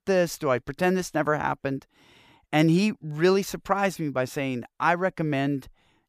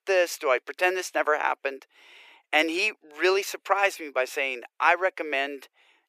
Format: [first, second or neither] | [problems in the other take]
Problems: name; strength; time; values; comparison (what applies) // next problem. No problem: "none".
first | thin; very; fading below 400 Hz